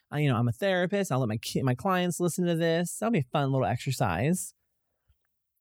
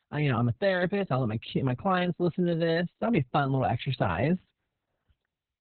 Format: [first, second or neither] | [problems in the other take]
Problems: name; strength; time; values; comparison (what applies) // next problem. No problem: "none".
first | garbled, watery; badly; nothing above 4 kHz